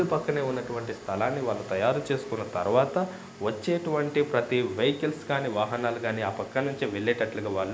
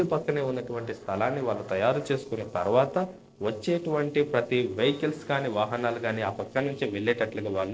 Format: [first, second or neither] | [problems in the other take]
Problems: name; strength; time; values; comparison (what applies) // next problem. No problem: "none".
first | noise reduction (neural separator model SepFormer DNS4)